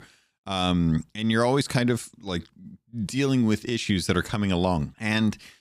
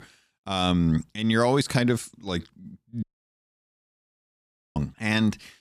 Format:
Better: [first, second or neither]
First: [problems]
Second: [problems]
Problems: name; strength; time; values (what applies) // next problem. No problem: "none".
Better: first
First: none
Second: audio cutting out; at 3 s for 1.5 s